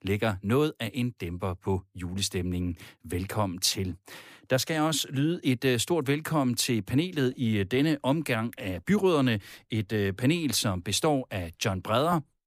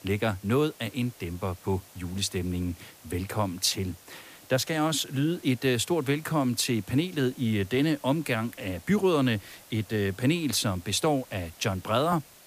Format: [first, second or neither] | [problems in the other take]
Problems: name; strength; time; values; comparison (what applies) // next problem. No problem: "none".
first | hiss; faint; throughout; 20 dB below the speech